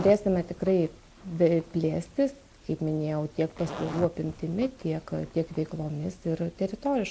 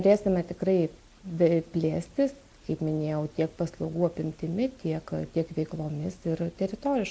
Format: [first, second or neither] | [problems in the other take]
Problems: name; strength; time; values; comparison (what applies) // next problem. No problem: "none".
second | background sound (Zipper (clothing)); 17 dB below the speech